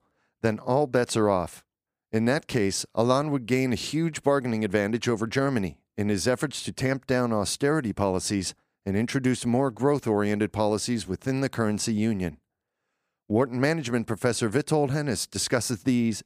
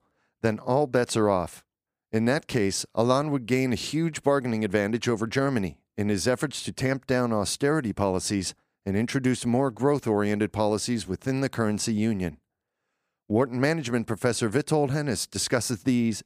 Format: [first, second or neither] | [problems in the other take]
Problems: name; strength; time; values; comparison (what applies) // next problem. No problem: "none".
neither | none